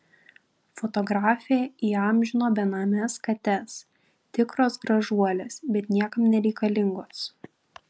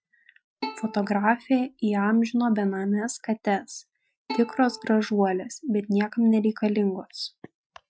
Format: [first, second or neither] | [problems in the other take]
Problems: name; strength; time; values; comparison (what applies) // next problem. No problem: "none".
first | noise reduction (classical method Wiener filter)